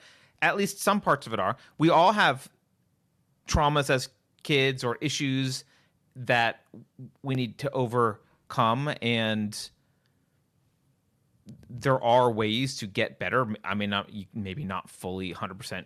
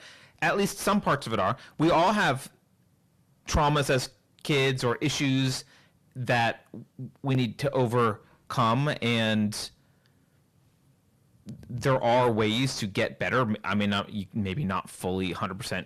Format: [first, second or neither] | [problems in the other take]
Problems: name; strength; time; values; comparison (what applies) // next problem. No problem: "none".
first | distortion; heavy; 7 dB below the speech